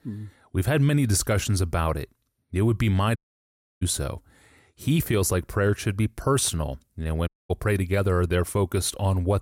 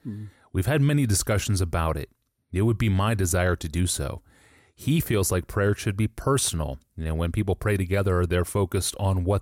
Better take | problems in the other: second | audio cutting out; at 3 s for 0.5 s and at 7.5 s

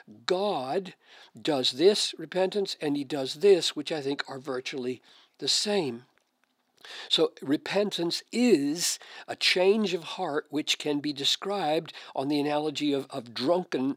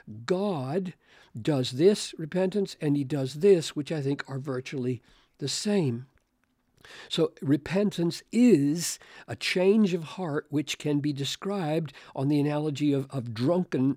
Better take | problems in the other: second | thin; somewhat; fading below 300 Hz

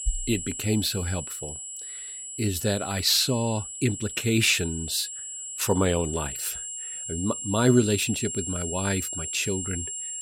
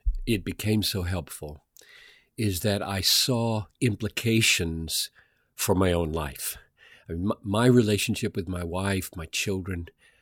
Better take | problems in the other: second | high-pitched whine; loud; throughout; 7.5 kHz, 7 dB below the speech

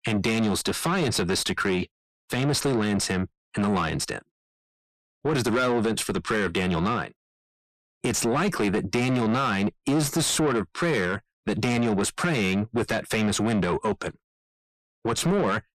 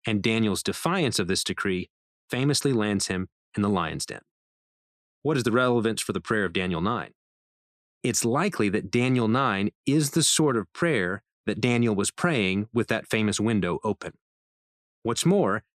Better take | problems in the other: second | distortion; heavy; 6 dB below the speech

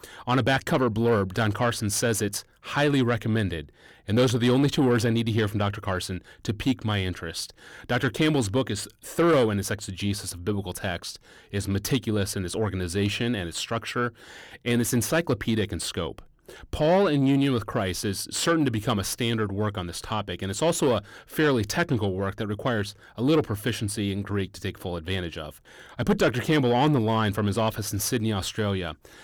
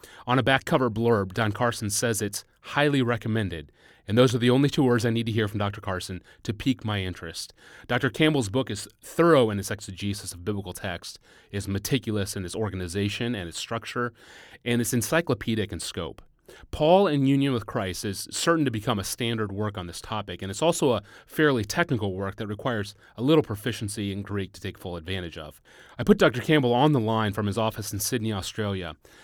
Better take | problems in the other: second | distortion; slight; 10 dB below the speech

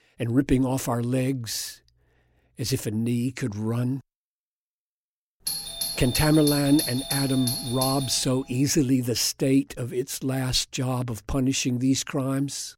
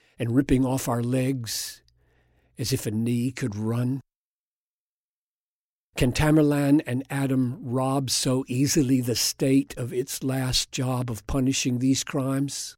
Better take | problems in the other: second | doorbell; noticeable; from 5.5 to 8 s; peak 2 dB below the speech

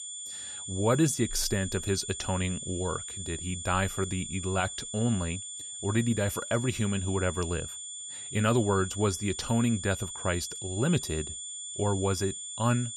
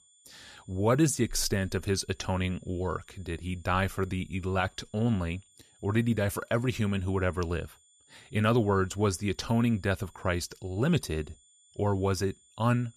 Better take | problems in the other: second | high-pitched whine; loud; throughout; 7 kHz, 7 dB below the speech; faint in the second

